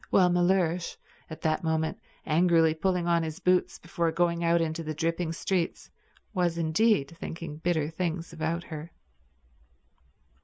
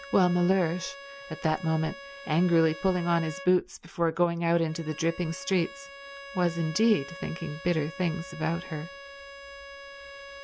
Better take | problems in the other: first | background sound (Bowed string instrument); 15 dB below the speech

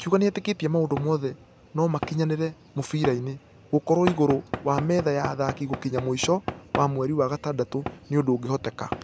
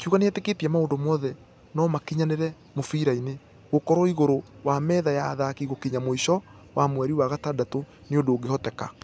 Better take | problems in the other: second | background sound (Knock / Wood); 11 dB below the speech

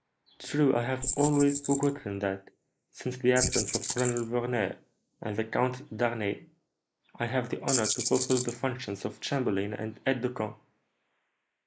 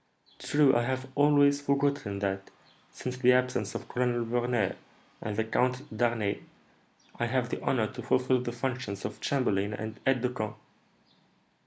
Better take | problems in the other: second | noise reduction (neural mask model Resemble Enhance denoiser)

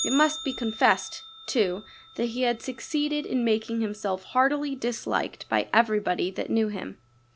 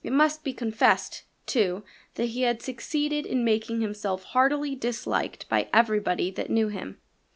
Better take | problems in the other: second | background sound (Bell); 16 dB below the speech

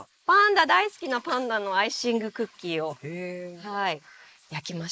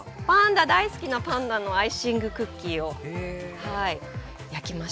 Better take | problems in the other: second | noise reduction (neural mask model Resemble Enhance denoiser)

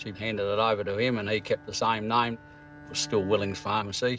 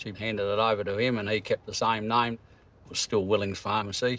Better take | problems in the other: second | background sound (Bowed string instrument); 19 dB below the speech

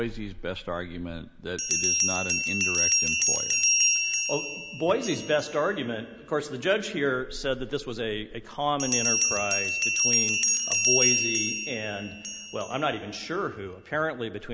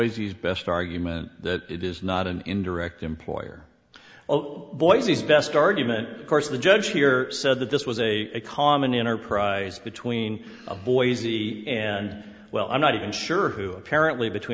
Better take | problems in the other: second | background sound (Bell); 2 dB above the speech

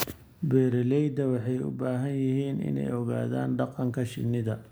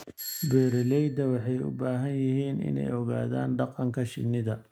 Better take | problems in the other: first | noise reduction (neural mask model RNNoise)

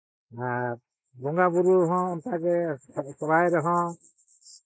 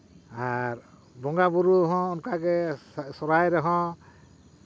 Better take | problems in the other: second | noise reduction (neural mask model Resemble Enhance denoiser)

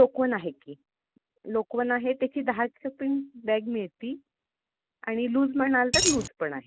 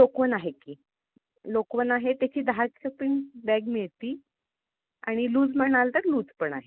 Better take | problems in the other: second | background sound (Coin (dropping)); 3 dB above the speech

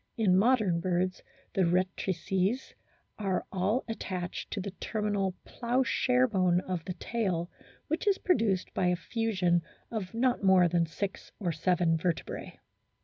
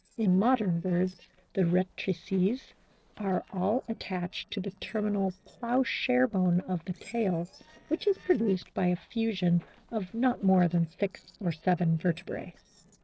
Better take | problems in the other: first | noise reduction (neural separator model SepFormer DNS4)

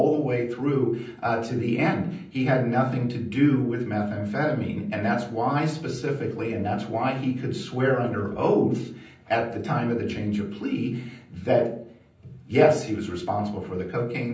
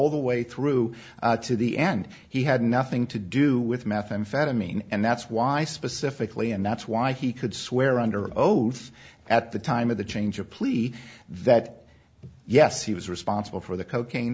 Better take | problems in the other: second | room echo; dies away in 0.6 s

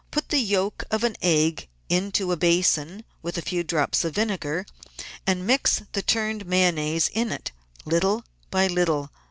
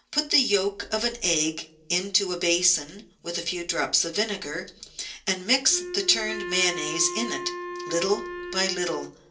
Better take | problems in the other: first | background sound (Wind instrument, woodwind instrument); 8 dB below the speech // room echo; dies away in 0.3 s

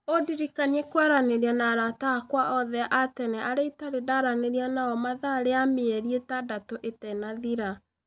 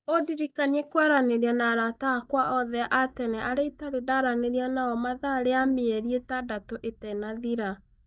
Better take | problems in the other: first | noise reduction (neural mask model DeepFilterNet 3)

